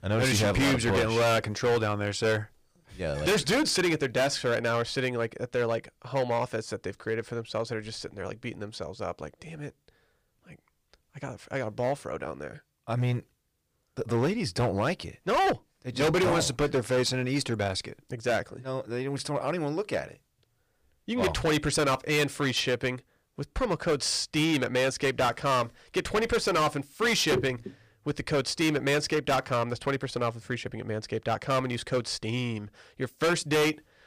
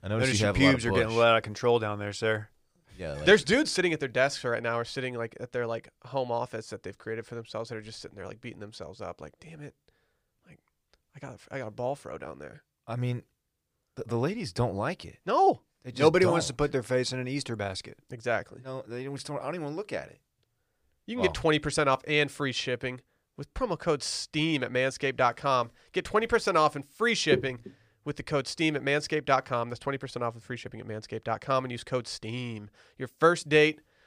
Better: second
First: distortion; heavy; 10% of the sound clipped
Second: none

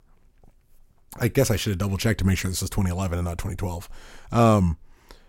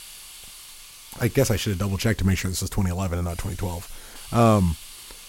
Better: first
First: none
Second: hiss; noticeable; throughout; 20 dB below the speech

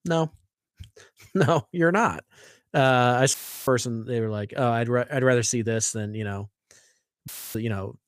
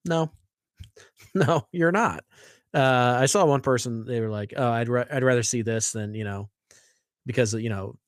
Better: second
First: audio cutting out; filled with static; at 3.5 s and at 7.5 s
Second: none

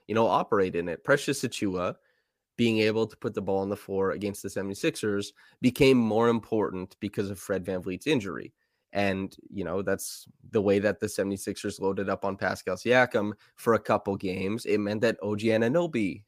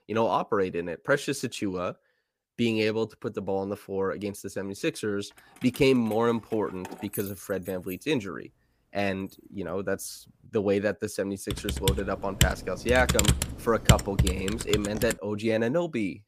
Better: first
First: none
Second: jangling keys; noticeable; from 5.5 to 9.5 s; peak 10 dB below the speech // keyboard typing; loud; from 12 to 15 s; peak 6 dB above the speech

